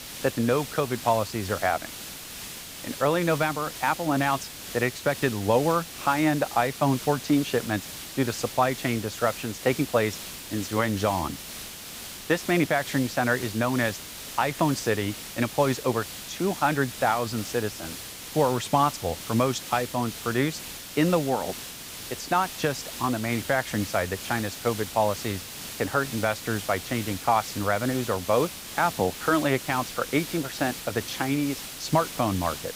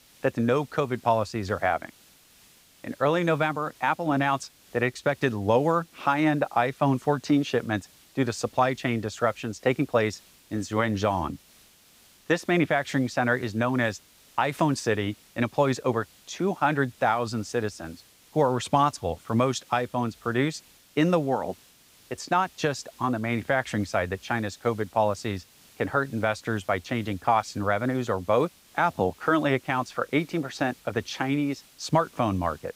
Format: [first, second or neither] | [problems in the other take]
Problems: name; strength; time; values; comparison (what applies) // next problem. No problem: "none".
second | hiss; loud; throughout; 10 dB below the speech; faint in the second